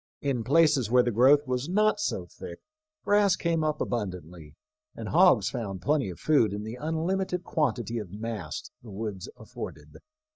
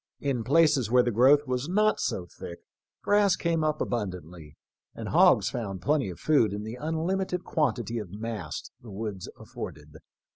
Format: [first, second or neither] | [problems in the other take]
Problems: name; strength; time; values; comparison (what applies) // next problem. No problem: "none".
second | noise reduction (neural mask model DeepFilterNet 3)